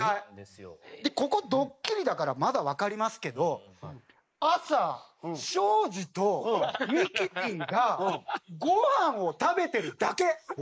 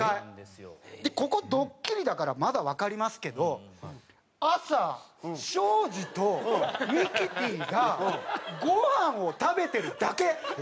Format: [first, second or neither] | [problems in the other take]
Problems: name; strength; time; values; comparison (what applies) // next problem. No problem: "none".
second | noise reduction (neural mask model Resemble Enhance denoiser)